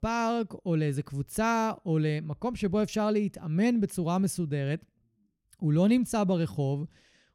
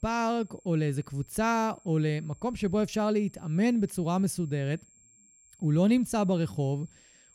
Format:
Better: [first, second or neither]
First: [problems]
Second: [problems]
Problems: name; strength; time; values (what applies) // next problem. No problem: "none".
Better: first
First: none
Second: high-pitched whine; faint; throughout; 7.5 kHz, 30 dB below the speech